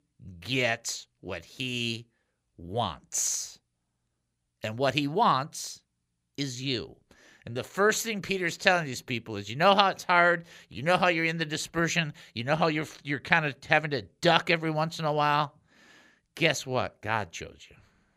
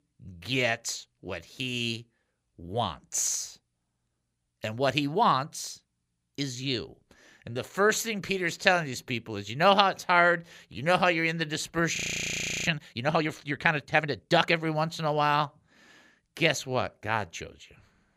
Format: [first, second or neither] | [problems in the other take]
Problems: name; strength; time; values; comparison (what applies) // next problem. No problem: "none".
first | audio freezing; at 12 s for 0.5 s